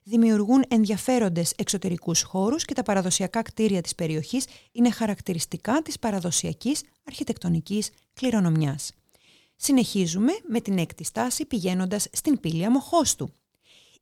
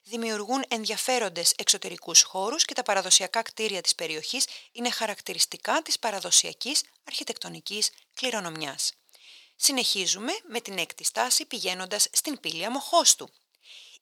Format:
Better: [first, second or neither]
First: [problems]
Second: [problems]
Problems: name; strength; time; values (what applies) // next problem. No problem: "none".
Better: first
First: none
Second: thin; very; fading below 650 Hz